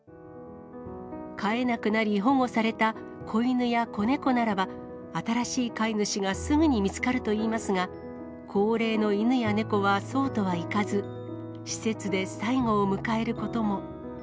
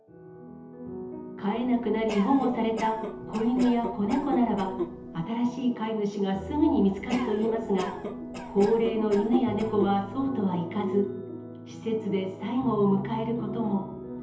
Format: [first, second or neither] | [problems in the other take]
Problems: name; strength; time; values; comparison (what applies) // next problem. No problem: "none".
first | background sound (Cough); 9 dB below the speech // room echo; dies away in 0.8 s